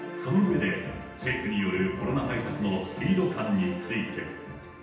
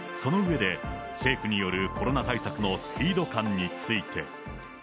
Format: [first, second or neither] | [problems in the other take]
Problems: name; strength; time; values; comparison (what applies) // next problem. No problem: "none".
second | room echo; dies away in 0.9 s